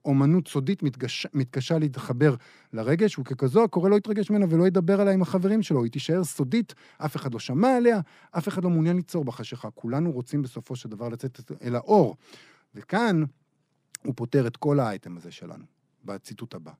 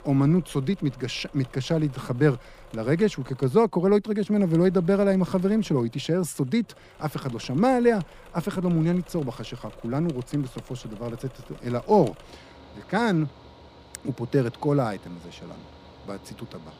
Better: first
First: none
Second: machinery noise; faint; throughout; 25 dB below the speech

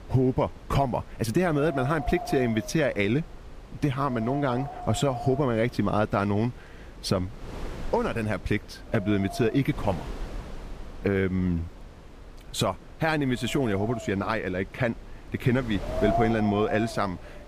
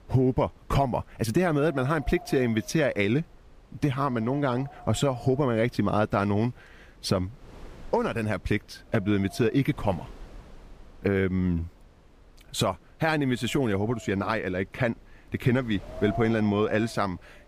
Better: second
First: wind noise on the microphone; heavy; 7 dB below the speech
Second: wind noise on the microphone; occasional gusts; 15 dB below the speech

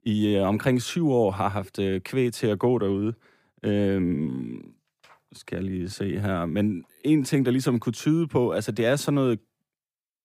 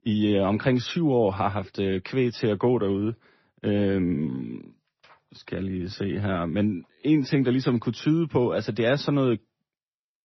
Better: first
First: none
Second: garbled, watery; slightly; nothing above 6 kHz

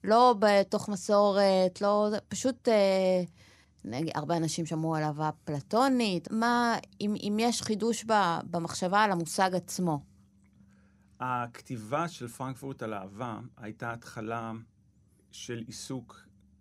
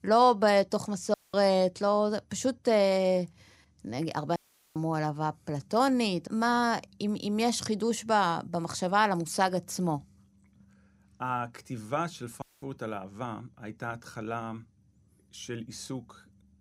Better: first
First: none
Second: audio cutting out; at 1 s, at 4.5 s and at 12 s

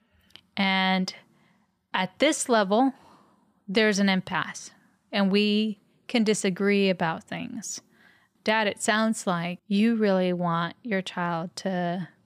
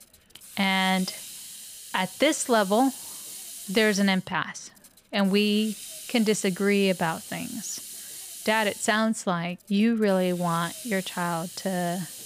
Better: first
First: none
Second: hiss; noticeable; throughout; 15 dB below the speech

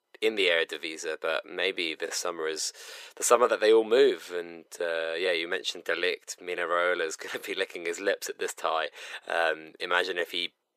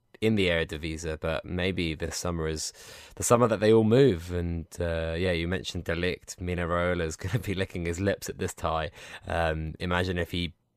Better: second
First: thin; very; fading below 400 Hz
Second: none

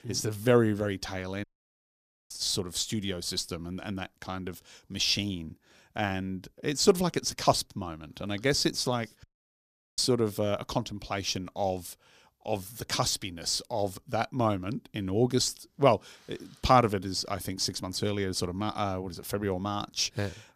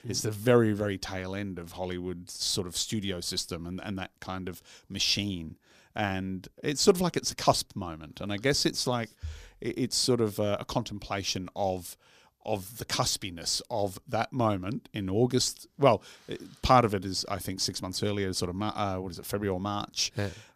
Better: second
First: audio cutting out; at 1.5 s for 1 s and at 9 s for 0.5 s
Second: none

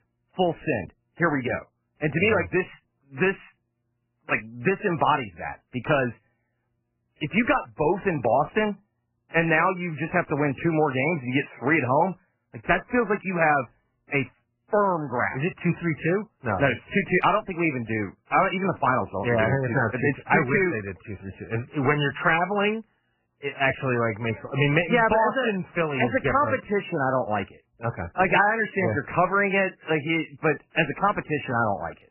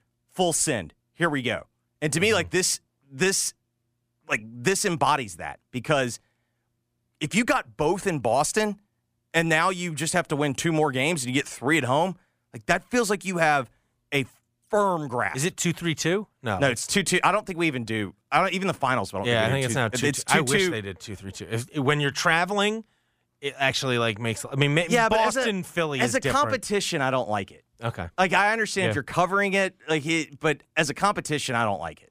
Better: second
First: garbled, watery; badly; nothing above 3 kHz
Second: none

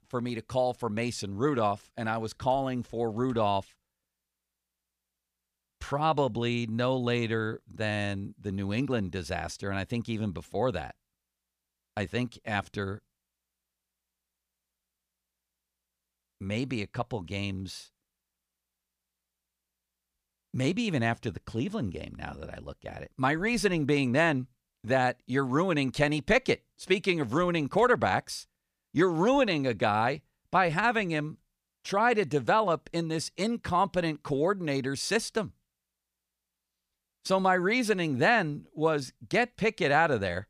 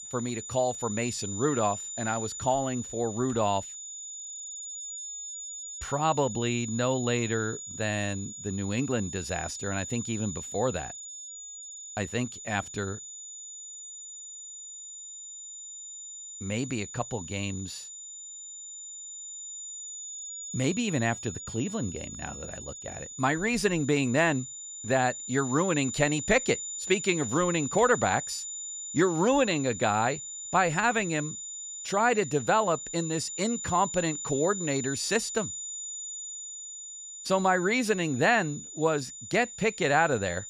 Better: first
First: none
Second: high-pitched whine; loud; throughout; 7 kHz, 9 dB below the speech

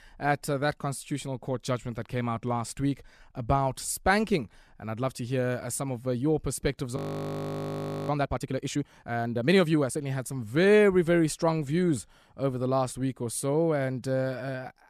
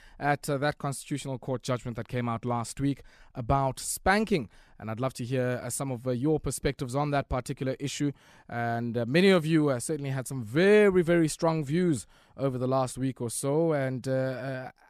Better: second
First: audio freezing; at 7 s for 1 s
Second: none

